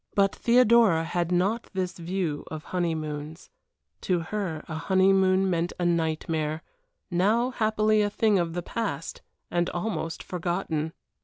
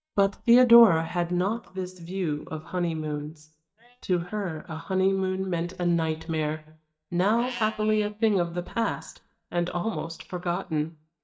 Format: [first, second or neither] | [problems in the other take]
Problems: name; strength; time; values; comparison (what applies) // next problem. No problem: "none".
first | noise reduction (neural mask model DeepFilterNet 3)